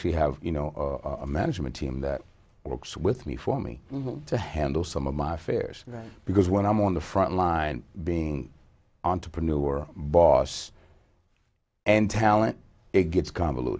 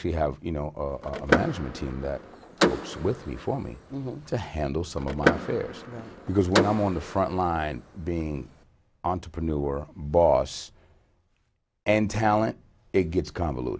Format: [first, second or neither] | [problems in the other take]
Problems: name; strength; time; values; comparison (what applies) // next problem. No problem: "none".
first | background sound (Door / Car); 3 dB below the speech